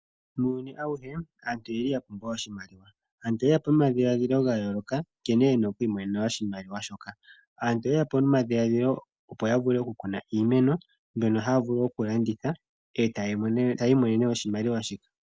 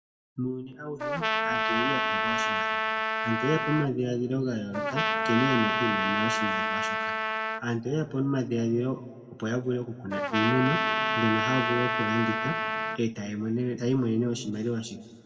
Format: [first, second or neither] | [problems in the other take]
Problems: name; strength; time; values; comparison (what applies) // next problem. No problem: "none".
first | background sound (Trumpet); 1 dB above the speech // room echo; dies away in 1.2 s